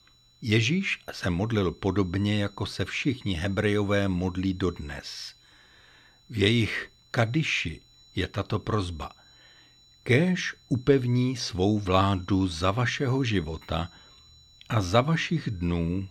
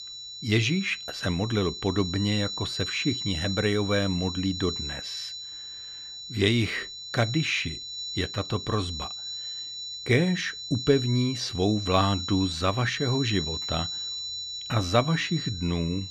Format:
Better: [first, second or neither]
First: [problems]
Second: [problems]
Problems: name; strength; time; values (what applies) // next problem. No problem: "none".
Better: first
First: high-pitched whine; faint; throughout; 4 kHz, 30 dB below the speech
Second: high-pitched whine; loud; throughout; 4 kHz, 6 dB below the speech